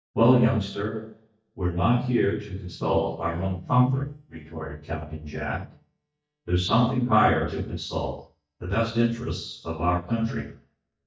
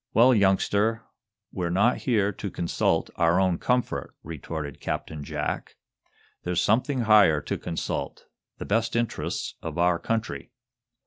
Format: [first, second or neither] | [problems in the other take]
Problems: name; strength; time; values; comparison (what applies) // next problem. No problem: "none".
second | noise reduction (neural mask model DeepFilterNet 3)